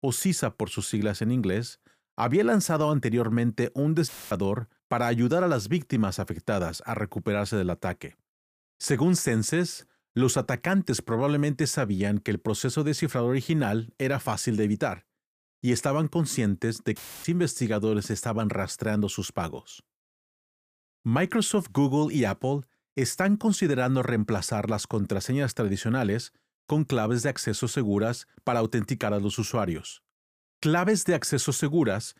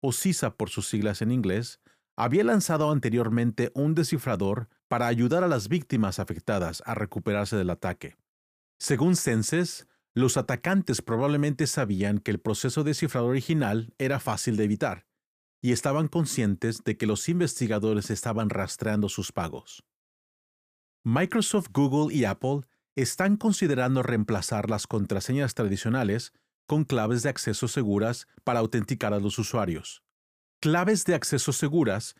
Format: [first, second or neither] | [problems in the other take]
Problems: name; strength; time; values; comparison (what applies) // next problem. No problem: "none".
second | audio cutting out; filled with static; at 4 s and at 17 s